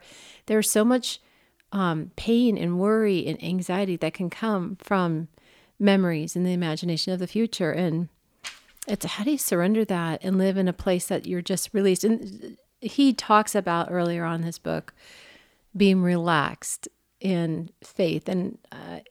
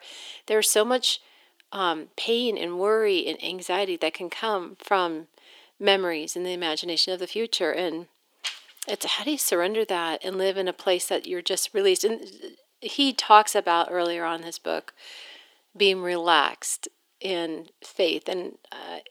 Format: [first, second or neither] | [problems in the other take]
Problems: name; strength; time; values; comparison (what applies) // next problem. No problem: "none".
first | thin; very; fading below 350 Hz